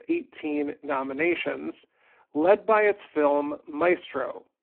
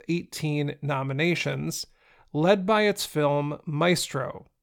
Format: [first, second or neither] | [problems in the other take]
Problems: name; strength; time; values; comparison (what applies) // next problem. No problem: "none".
second | phone-call audio; poor line